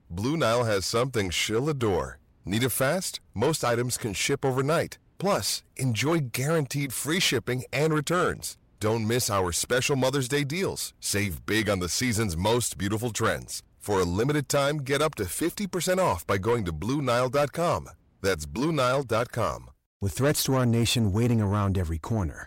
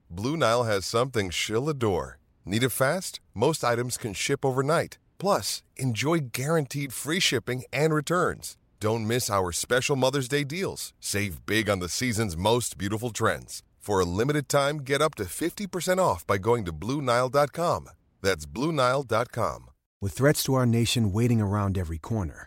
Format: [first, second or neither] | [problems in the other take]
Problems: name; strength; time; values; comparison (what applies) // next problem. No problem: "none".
second | distortion; slight; 10 dB below the speech